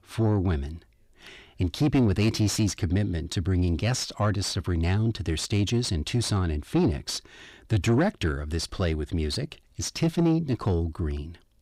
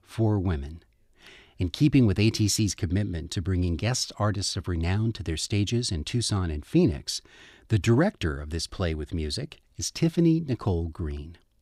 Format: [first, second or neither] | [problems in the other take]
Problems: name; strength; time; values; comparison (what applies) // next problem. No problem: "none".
second | distortion; slight; 10 dB below the speech